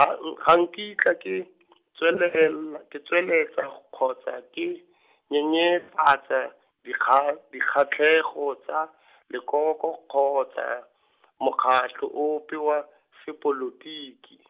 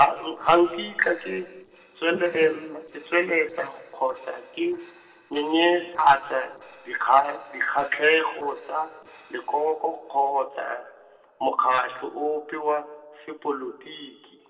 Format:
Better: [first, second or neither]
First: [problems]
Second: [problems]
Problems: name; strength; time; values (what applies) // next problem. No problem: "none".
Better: first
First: none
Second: noise reduction (neural separator model SepFormer DNS4)